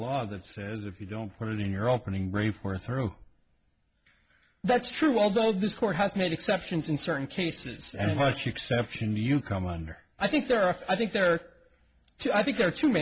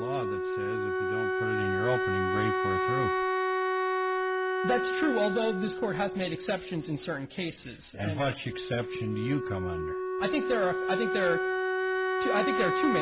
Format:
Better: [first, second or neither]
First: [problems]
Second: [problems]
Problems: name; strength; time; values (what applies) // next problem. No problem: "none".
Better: first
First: none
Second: background sound (Wind instrument, woodwind instrument); 2 dB above the speech